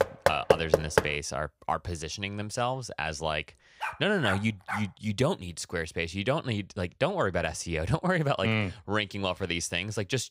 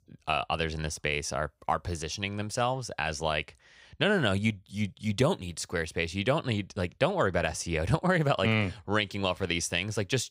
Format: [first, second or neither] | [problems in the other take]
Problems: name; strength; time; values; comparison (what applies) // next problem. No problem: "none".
second | door banging; loud; until 1 s; peak 5 dB above the speech // dog barking; noticeable; from 4 to 5 s; peak 5 dB below the speech